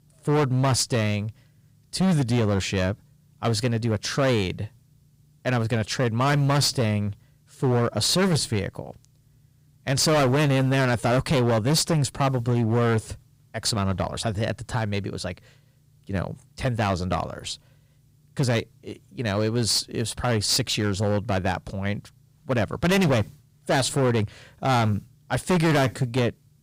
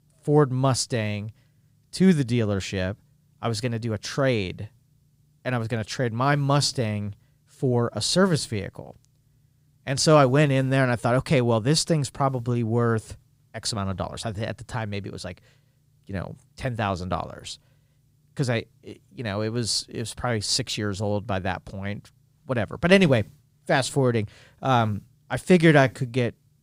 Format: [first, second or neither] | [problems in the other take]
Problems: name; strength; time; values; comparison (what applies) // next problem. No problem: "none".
second | distortion; heavy; 11% of the sound clipped